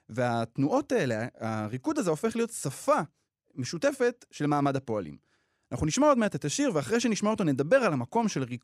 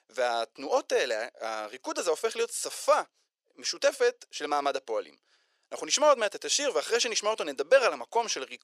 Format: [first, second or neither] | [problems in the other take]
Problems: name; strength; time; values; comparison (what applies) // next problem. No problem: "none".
first | thin; very; fading below 450 Hz